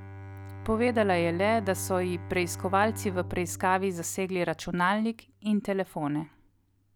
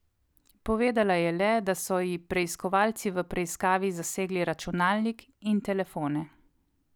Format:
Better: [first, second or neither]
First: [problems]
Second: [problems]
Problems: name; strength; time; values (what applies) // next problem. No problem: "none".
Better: second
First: background sound (Bowed string instrument); 13 dB below the speech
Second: none